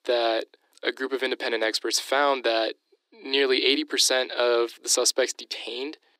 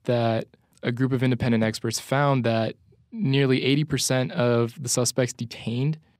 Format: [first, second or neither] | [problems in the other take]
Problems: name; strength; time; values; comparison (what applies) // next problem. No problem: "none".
second | thin; very; fading below 300 Hz